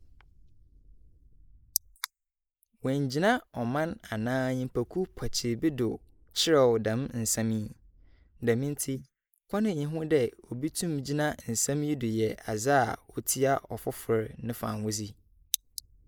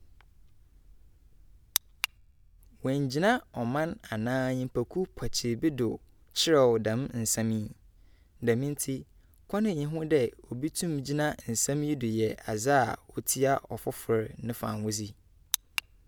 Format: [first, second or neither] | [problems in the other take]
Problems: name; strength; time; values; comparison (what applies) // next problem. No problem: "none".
second | noise reduction (neural mask model Resemble Enhance denoiser)